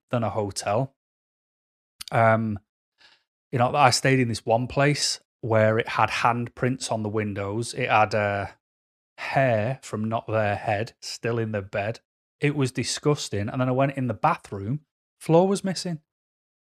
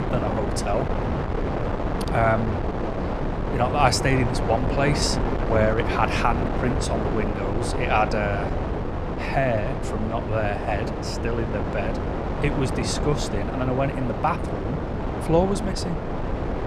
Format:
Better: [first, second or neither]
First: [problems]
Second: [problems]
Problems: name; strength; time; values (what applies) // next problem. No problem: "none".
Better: first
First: none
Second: wind noise on the microphone; heavy; 4 dB below the speech